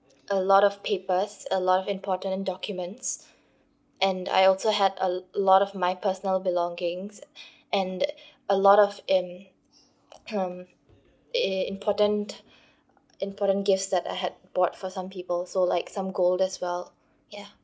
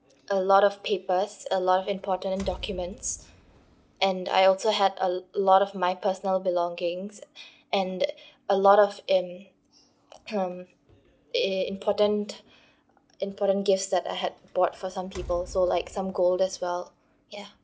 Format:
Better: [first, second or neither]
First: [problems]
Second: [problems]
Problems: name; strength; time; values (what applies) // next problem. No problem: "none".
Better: first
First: none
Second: background sound (Door); 19 dB below the speech